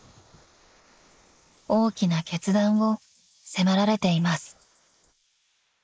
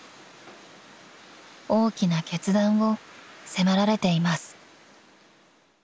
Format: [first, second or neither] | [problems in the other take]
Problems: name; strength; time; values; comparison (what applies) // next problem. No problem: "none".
second | noise reduction (neural mask model Resemble Enhance denoiser)